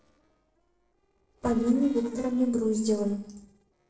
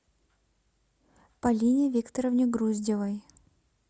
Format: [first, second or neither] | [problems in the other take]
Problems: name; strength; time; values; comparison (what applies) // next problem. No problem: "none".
second | noise reduction (neural separator model SepFormer DNS4)